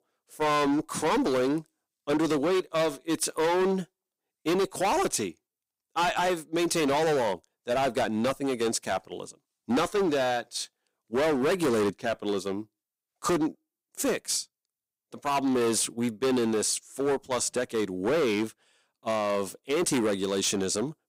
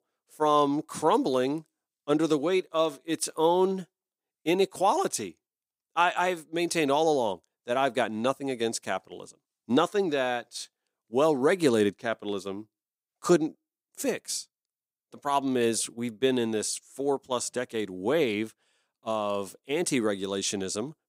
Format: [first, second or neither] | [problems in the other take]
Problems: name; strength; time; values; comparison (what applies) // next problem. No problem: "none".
second | distortion; heavy; 16% of the sound clipped